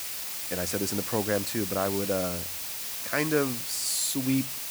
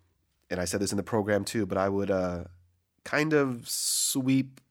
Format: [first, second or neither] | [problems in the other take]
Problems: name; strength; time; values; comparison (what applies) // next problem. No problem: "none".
second | hiss; loud; throughout; 2 dB below the speech